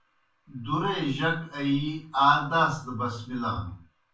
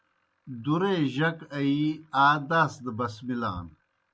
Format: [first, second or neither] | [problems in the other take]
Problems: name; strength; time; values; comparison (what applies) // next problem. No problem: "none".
second | room echo; dies away in 0.3 s